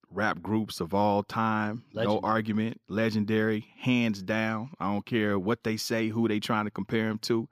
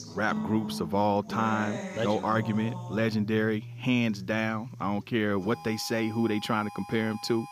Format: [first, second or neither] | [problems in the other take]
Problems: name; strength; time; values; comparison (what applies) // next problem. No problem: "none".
first | background music; noticeable; throughout; 10 dB below the speech